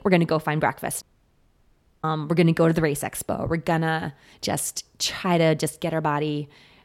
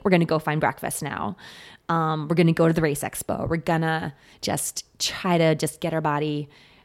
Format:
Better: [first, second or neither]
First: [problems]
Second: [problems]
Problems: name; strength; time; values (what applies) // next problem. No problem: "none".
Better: second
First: audio cutting out; at 1 s for 1 s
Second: none